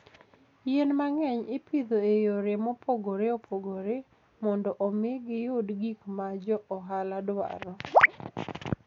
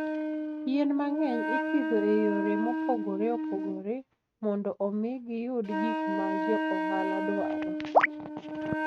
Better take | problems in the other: first | noise reduction (neural mask model RNNoise)

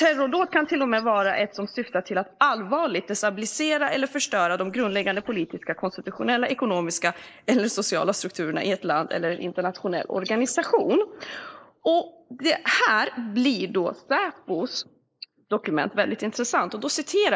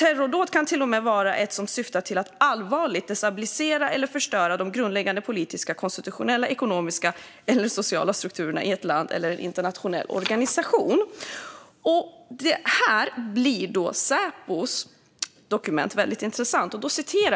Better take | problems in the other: second | noise reduction (neural mask model Resemble Enhance denoiser)

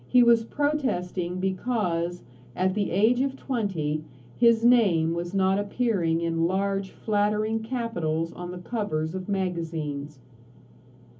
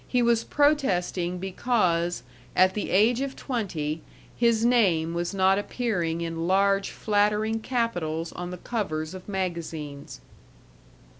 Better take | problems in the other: second | room echo; dies away in 0.3 s

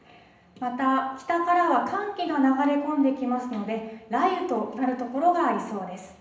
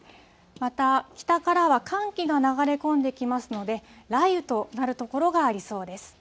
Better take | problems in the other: second | room echo; dies away in 0.8 s

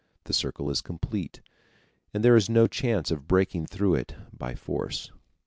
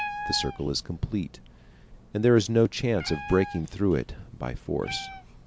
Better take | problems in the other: first | background sound (Meow); 13 dB below the speech

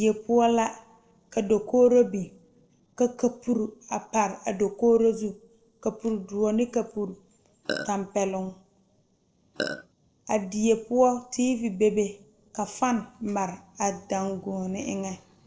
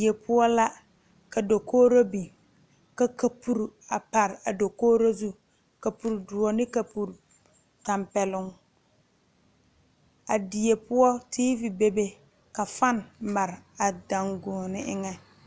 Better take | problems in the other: second | noise reduction (neural separator model SepFormer DNS4)

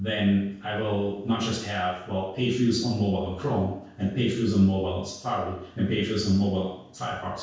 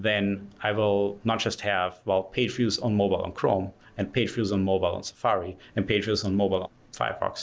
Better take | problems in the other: second | room echo; dies away in 0.6 s

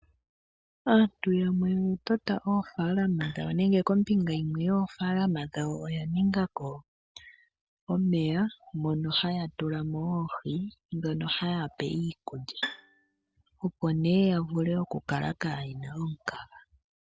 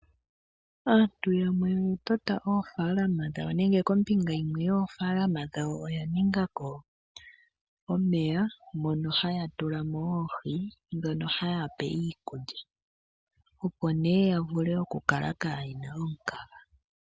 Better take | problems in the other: second | noise reduction (neural separator model SepFormer DNS4)

